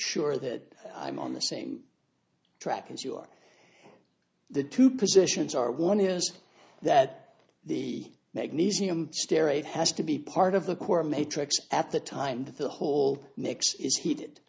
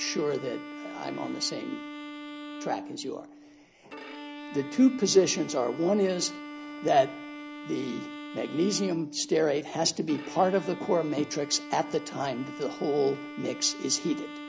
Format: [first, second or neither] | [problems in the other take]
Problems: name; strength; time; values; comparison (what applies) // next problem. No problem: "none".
first | background sound (Bowed string instrument); 12 dB below the speech